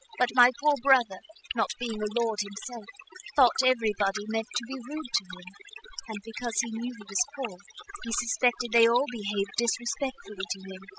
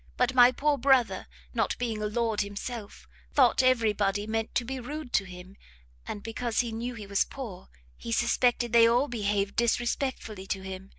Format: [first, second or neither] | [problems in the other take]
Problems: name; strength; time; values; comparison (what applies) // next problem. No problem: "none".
second | noise reduction (classical method spectral subtraction)